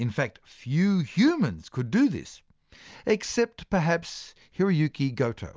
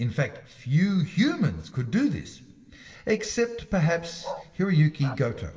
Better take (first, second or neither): first